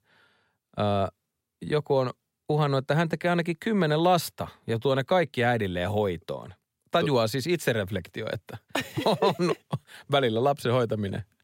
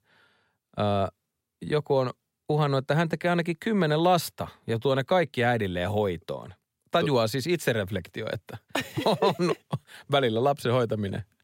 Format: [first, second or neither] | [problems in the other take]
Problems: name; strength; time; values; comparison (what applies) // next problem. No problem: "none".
neither | none